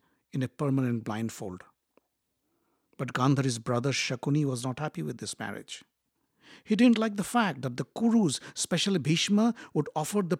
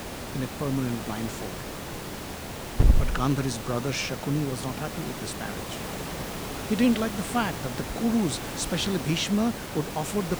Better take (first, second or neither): first